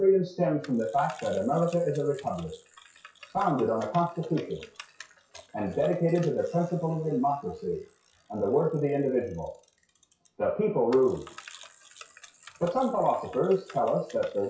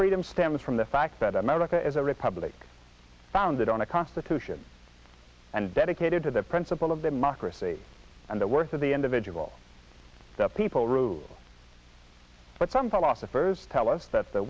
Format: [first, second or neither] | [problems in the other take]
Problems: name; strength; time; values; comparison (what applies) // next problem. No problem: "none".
second | noise reduction (classical method WPE with log-MMSE)